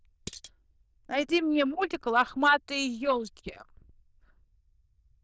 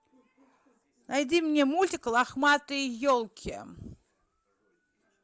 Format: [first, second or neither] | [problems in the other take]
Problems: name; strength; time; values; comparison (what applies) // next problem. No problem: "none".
second | noise reduction (neural diffusion model UNIVERSE++)